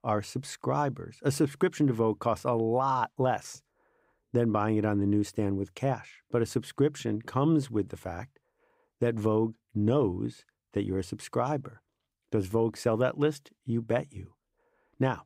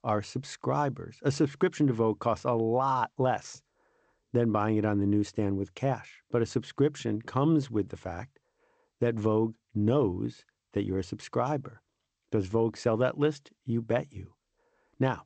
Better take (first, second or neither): first